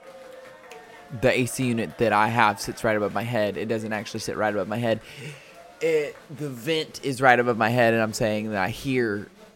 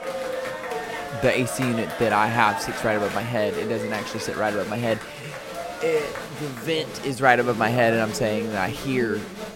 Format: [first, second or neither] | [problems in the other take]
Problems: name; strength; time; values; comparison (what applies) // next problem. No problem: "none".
first | crowd noise; loud; throughout; 8 dB below the speech; faint in the first